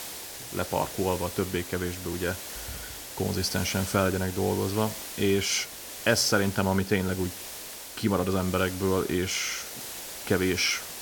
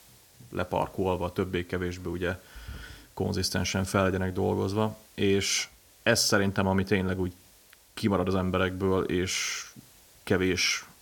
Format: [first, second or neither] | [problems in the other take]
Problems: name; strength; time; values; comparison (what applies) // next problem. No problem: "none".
second | hiss; loud; throughout; 9 dB below the speech; faint in the second